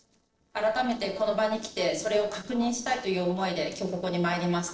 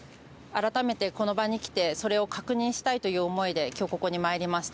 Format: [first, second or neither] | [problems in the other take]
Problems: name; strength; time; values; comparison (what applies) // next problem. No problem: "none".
second | noise reduction (neural separator model SepFormer DNS4)